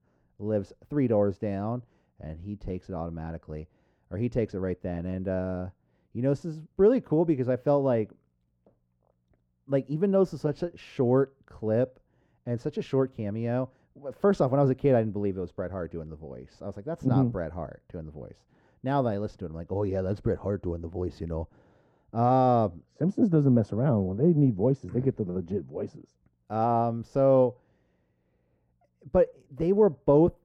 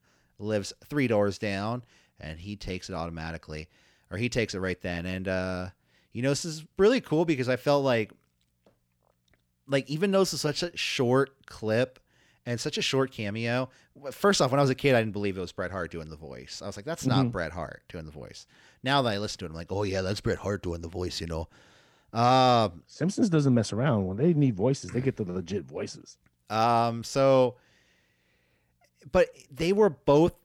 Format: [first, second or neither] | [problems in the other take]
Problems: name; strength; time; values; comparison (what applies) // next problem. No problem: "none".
second | muffled; very; fading above 1.5 kHz